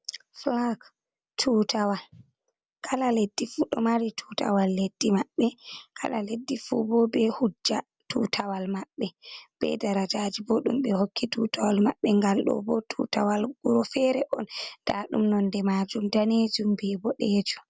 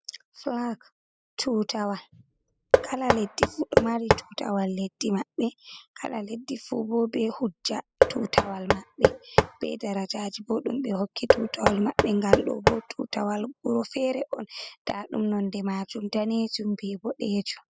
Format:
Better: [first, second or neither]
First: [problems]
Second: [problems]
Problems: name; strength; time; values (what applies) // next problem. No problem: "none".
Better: first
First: none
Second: noise reduction (classical method spectral subtraction)